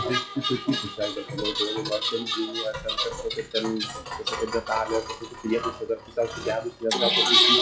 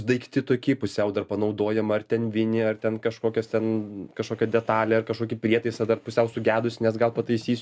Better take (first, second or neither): second